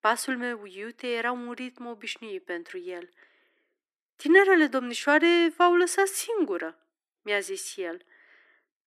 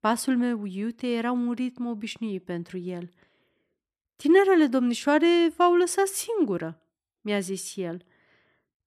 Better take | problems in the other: second | thin; somewhat; fading below 300 Hz

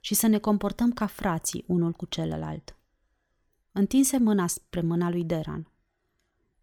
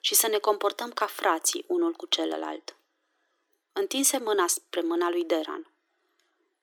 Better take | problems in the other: first | thin; very; fading below 300 Hz

